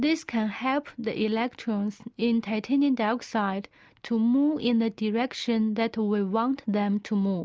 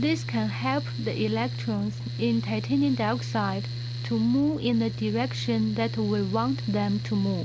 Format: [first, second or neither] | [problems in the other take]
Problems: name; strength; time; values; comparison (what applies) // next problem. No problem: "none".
first | background sound (Mechanical fan); 5 dB below the speech